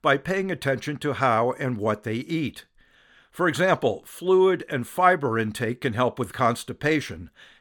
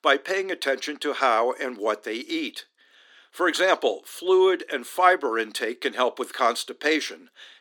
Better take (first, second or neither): first